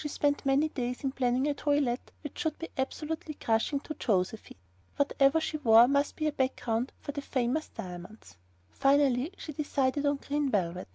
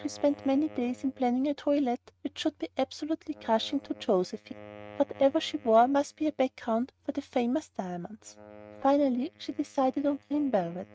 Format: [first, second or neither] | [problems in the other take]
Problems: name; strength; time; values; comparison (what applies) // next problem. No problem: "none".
first | noise reduction (neural mask model RNNoise)